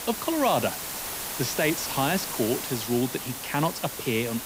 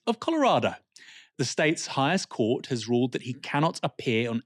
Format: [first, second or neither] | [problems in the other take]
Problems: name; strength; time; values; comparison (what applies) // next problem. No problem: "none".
second | hiss; loud; throughout; 4 dB below the speech